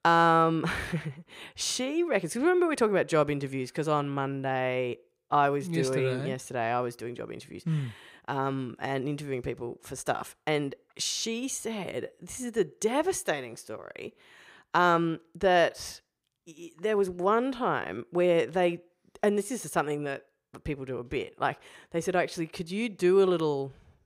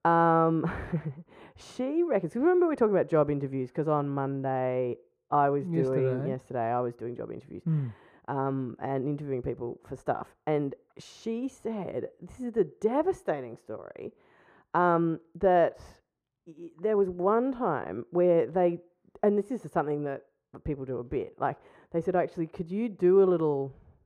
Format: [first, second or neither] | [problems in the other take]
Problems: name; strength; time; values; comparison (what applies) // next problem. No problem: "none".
first | muffled; very; fading above 2 kHz